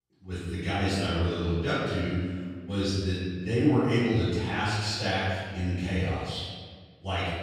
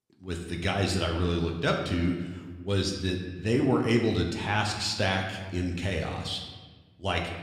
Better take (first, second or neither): second